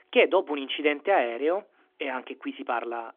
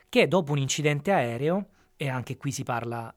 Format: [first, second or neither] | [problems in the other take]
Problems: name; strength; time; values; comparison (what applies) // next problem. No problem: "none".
second | phone-call audio; nothing above 3.5 kHz